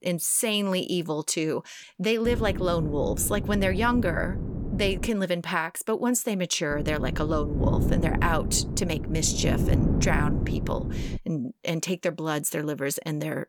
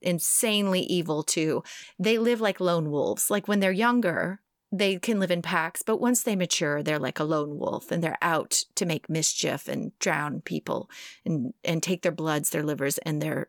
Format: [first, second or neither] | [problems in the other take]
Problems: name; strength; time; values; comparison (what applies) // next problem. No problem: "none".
second | wind noise on the microphone; heavy; from 2.5 to 5 s and from 6.5 to 11 s; 9 dB below the speech